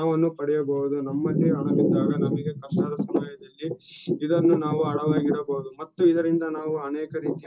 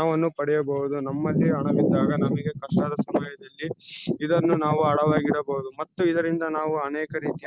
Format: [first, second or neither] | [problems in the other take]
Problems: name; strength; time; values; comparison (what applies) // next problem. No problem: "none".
second | room echo; dies away in 0.2 s